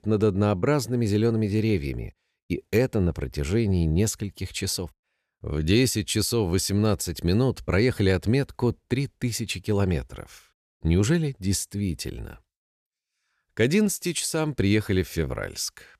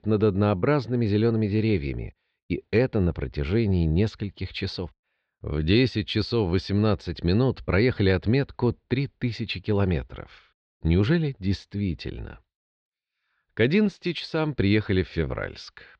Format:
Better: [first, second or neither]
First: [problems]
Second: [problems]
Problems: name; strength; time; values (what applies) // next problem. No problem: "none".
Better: first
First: none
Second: muffled; slightly; fading above 4 kHz